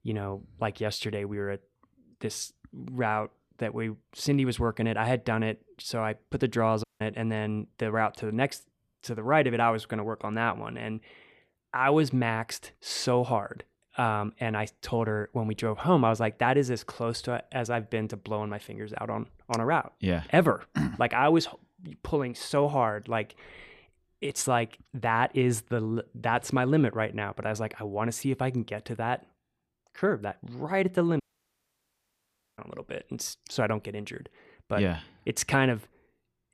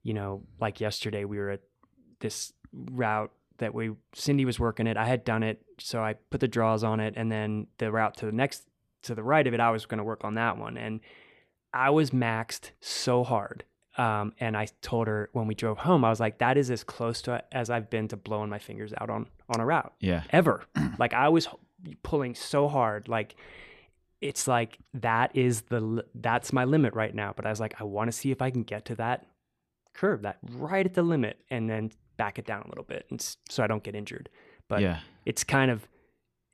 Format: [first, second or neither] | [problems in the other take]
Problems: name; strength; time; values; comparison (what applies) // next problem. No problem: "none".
second | audio cutting out; at 7 s and at 31 s for 1.5 s